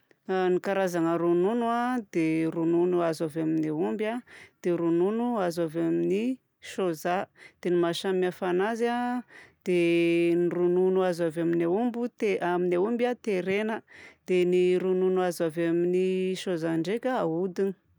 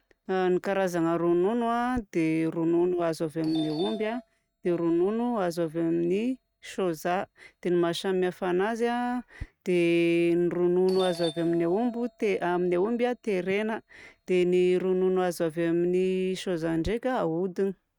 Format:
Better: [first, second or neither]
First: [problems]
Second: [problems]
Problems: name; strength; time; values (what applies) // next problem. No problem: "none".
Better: first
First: none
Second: noise reduction (neural mask model RNNoise)